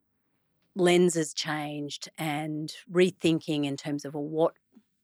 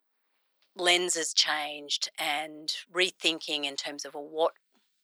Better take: first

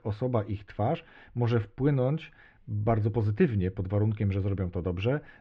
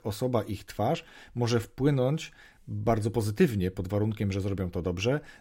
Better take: second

